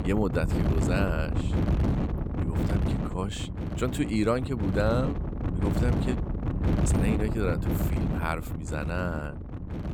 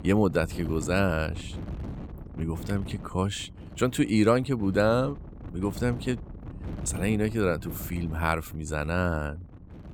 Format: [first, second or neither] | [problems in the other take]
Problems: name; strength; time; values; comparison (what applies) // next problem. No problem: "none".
second | wind noise on the microphone; heavy; 4 dB below the speech; occasional gusts in the second